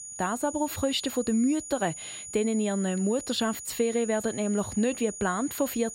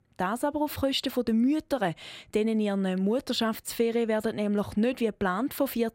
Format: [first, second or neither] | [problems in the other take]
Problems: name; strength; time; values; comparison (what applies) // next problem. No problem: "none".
second | high-pitched whine; loud; throughout; 7 kHz, 10 dB below the speech